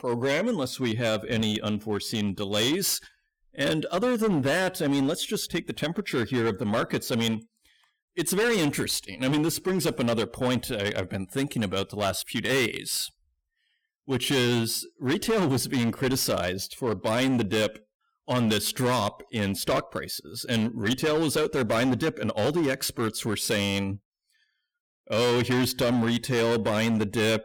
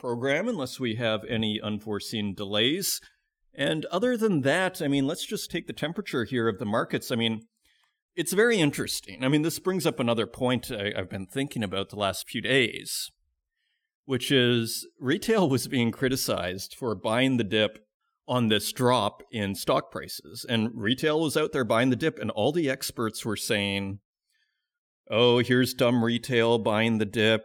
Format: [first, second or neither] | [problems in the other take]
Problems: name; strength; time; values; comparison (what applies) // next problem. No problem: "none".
second | distortion; heavy; 13% of the sound clipped